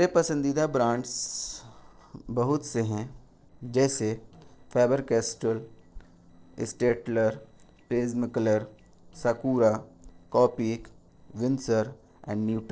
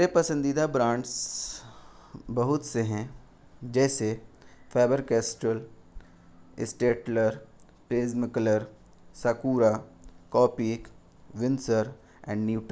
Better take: second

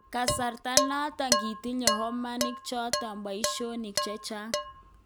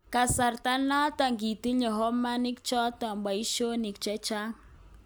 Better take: second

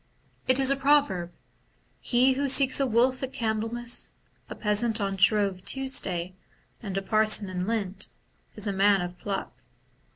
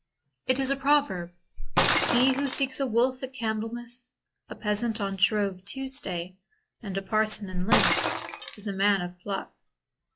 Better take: first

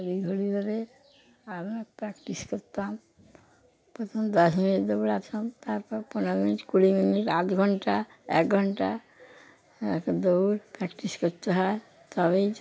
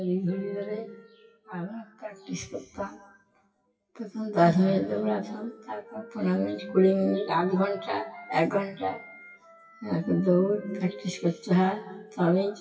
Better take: first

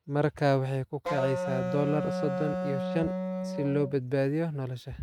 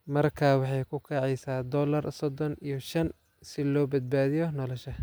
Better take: second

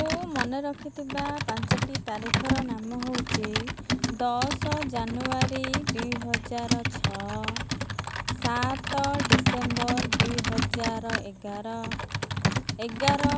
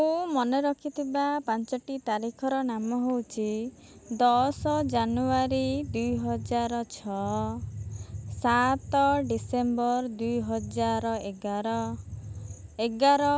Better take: second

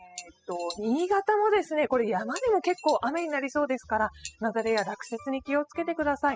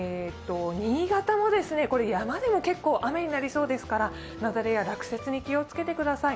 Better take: second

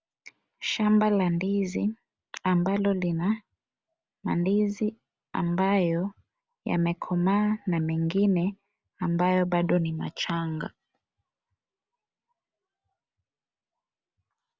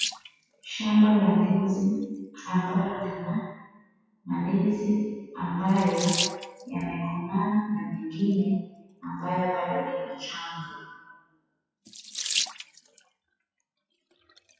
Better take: first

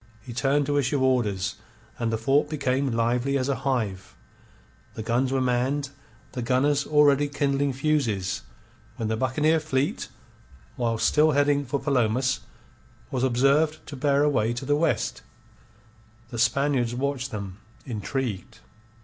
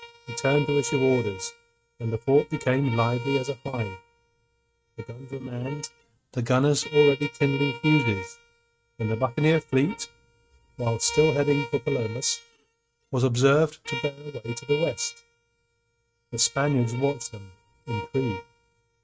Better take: first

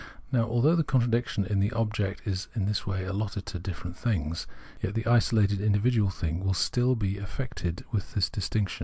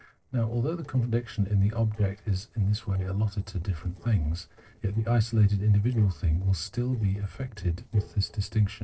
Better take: first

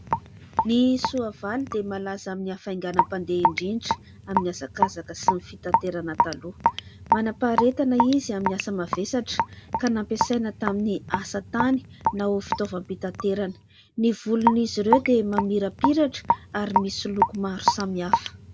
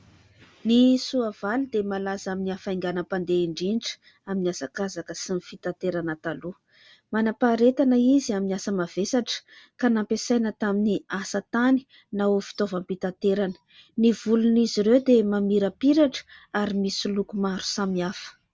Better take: second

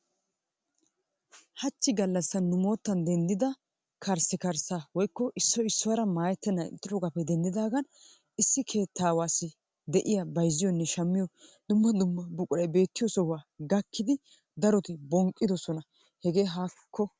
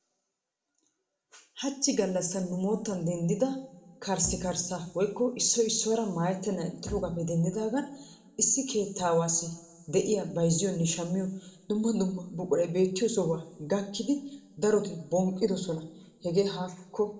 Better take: first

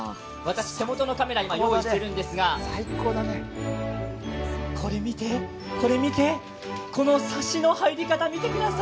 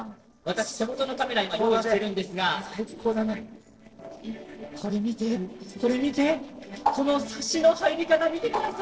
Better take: first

